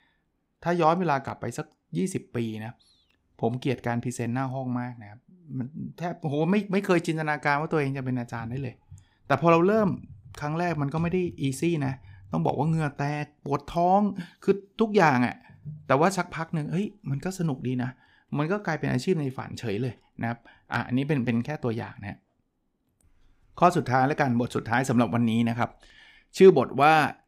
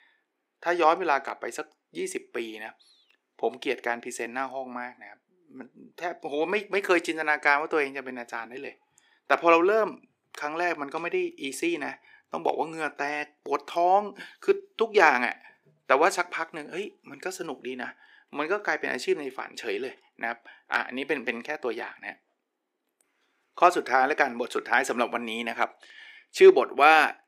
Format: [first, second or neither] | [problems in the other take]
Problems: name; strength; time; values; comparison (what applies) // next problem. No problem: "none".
first | thin; very; fading below 350 Hz